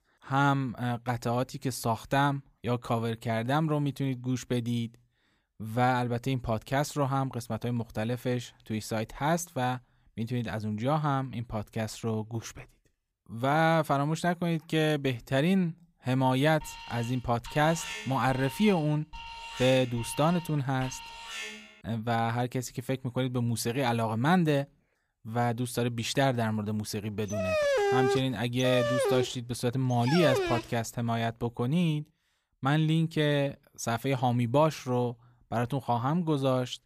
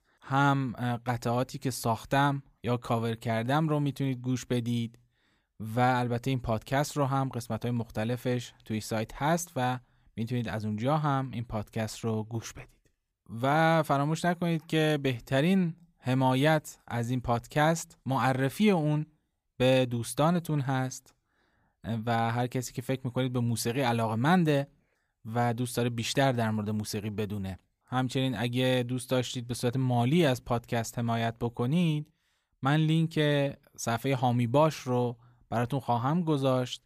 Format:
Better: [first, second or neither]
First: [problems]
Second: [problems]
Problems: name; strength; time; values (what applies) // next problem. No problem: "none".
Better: second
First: alarm; noticeable; from 17 to 22 s; peak 8 dB below the speech // dog barking; loud; from 27 to 31 s; peak 3 dB above the speech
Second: none